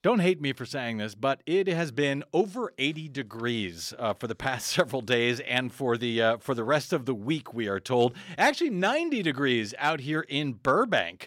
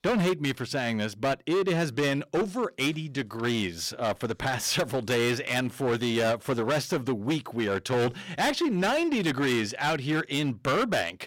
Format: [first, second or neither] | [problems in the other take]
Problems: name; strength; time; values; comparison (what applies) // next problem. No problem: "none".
first | distortion; heavy; 16% of the sound clipped